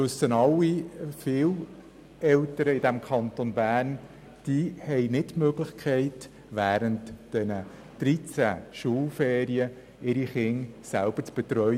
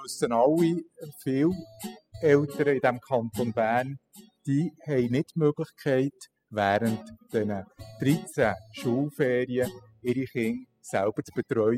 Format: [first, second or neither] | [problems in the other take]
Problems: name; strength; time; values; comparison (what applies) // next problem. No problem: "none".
first | noise reduction (classical method spectral subtraction)